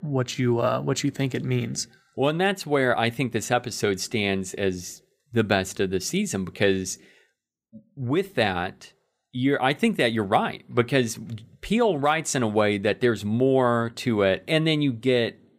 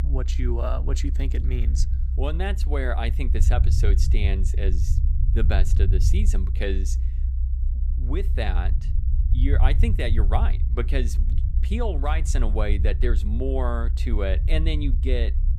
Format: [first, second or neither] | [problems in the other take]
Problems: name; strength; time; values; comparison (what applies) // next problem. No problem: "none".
first | low rumble; noticeable; throughout; 10 dB below the speech